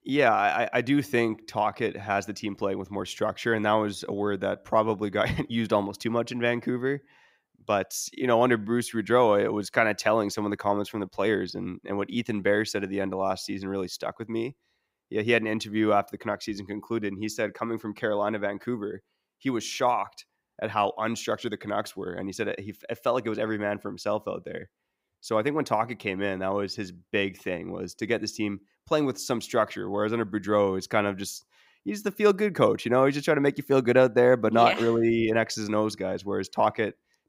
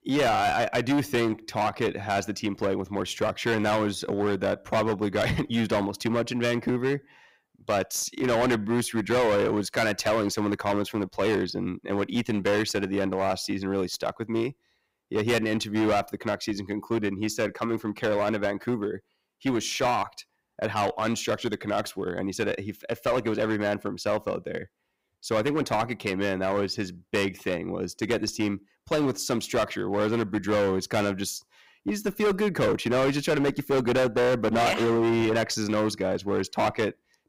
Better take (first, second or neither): first